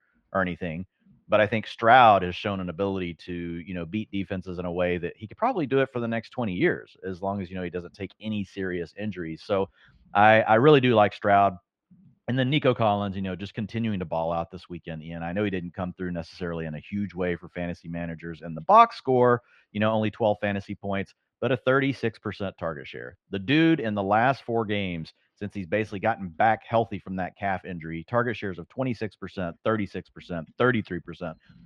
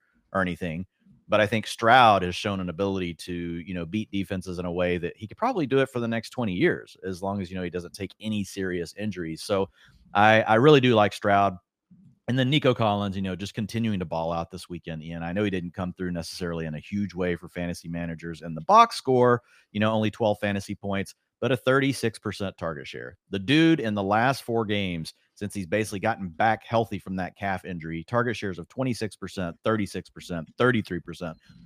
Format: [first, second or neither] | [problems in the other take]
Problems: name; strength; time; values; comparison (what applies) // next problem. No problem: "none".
second | muffled; slightly; fading above 2.5 kHz